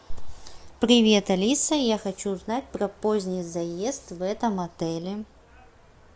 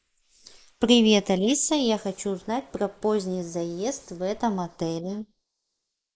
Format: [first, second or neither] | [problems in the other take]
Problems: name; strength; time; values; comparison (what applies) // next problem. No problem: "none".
first | noise reduction (neural mask model Resemble Enhance denoiser)